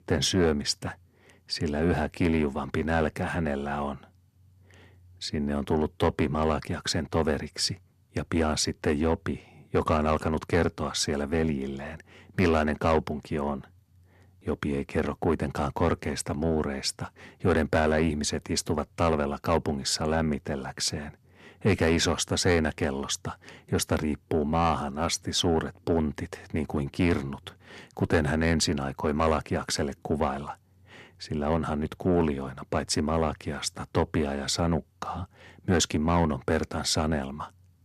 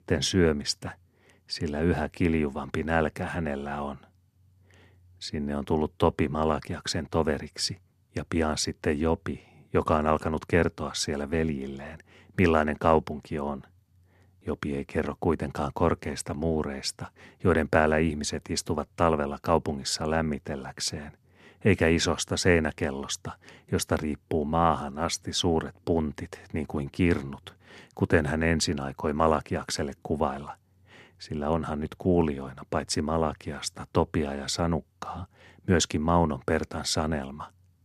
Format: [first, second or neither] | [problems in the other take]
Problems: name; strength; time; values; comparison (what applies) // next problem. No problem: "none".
second | distortion; slight; 10 dB below the speech